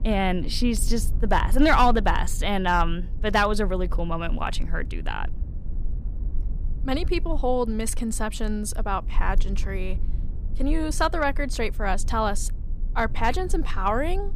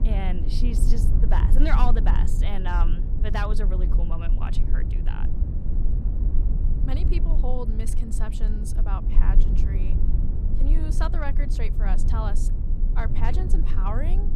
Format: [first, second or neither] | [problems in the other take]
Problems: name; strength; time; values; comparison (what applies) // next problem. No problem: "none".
first | low rumble; loud; throughout; 7 dB below the speech; faint in the first